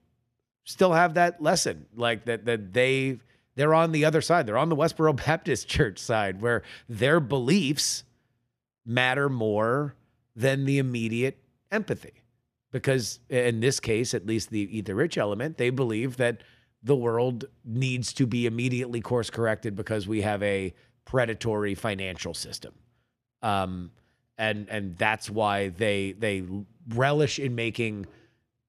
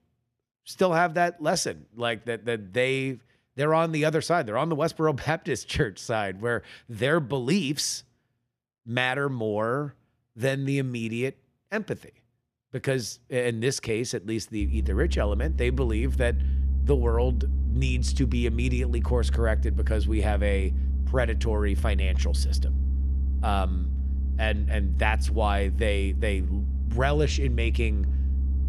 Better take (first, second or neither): first